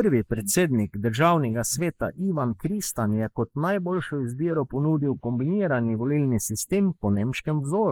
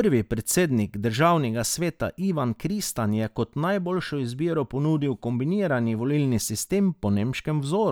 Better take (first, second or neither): second